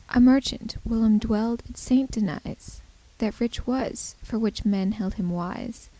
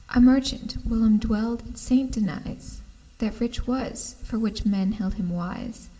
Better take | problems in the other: first | room echo; dies away in 1.6 s

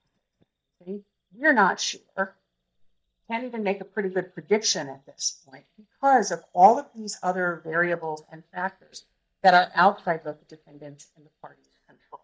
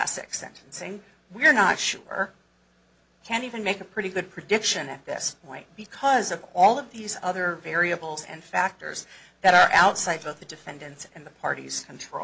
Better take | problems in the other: second | noise reduction (neural mask model DeepFilterNet 3)

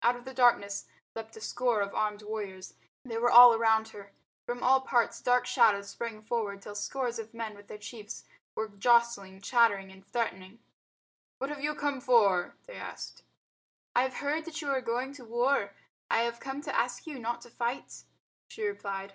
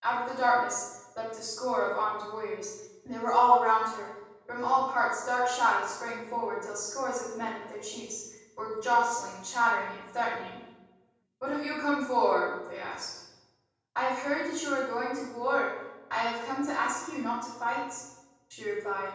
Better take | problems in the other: first | room echo; dies away in 1.2 s

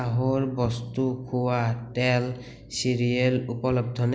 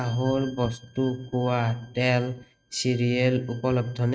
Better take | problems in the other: first | noise reduction (neural mask model RNNoise)

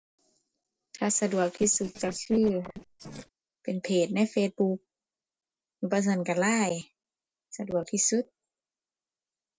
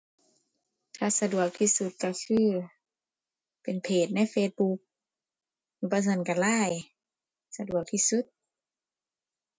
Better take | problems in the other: second | noise reduction (neural separator model SepFormer DNS4)

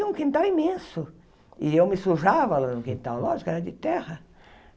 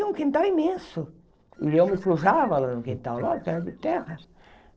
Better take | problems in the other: first | noise reduction (neural separator model SepFormer DNS4)

